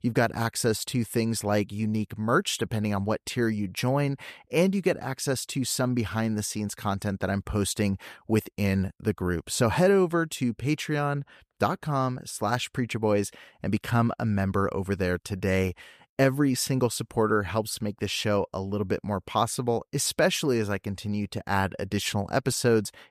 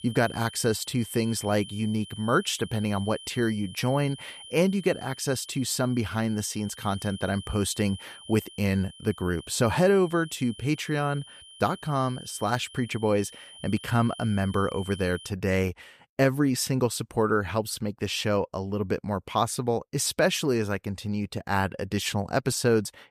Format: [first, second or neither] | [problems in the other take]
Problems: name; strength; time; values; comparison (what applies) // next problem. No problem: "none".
first | high-pitched whine; noticeable; until 15 s; 3 kHz, 15 dB below the speech